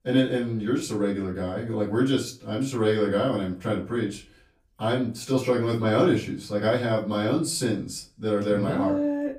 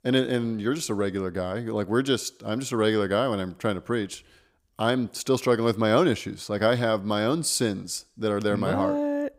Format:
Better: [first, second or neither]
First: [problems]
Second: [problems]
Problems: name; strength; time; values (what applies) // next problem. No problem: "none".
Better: second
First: room echo; slight; dies away in 0.3 s // off-mic speech; far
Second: none